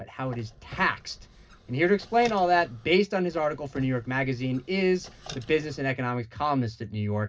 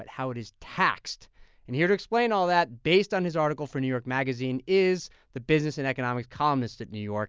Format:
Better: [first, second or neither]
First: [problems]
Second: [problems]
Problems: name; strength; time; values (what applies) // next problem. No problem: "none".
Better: second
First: background sound (Squeak); 19 dB below the speech // room echo; dies away in 0.4 s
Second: none